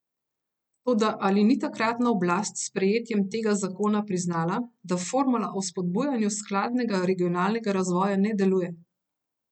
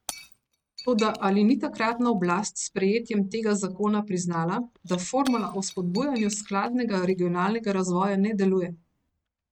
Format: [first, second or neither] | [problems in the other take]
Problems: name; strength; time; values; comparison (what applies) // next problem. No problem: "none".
first | noise reduction (neural mask model RNNoise)